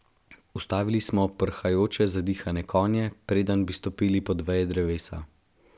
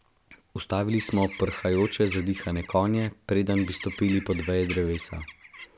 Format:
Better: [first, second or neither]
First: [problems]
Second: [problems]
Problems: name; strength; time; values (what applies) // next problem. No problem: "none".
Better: first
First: none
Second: background sound (Bird); 14 dB below the speech